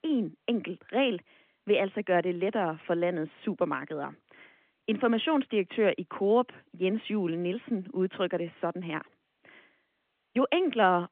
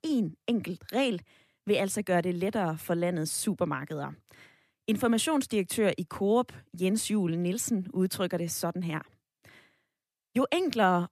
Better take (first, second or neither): second